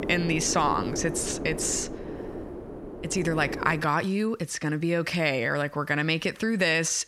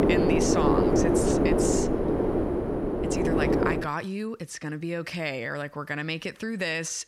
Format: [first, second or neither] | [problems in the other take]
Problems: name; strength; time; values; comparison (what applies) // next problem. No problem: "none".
first | wind noise on the microphone; heavy; until 4 s; 5 dB above the speech; occasional gusts in the first